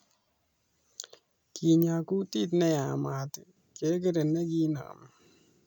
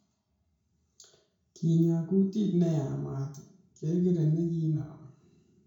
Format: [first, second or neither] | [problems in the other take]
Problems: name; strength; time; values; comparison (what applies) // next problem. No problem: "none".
first | room echo; dies away in 0.5 s